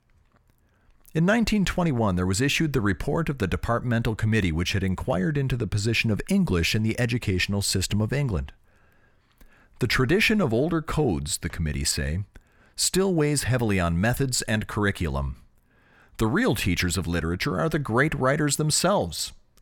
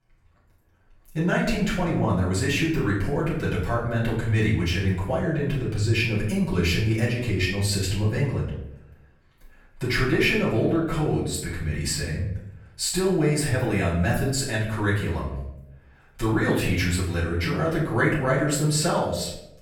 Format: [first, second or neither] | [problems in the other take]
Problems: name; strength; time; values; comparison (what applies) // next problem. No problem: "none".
first | off-mic speech; far // room echo; noticeable; dies away in 0.7 s